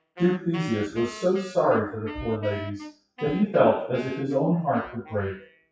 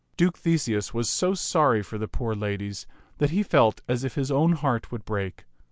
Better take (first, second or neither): second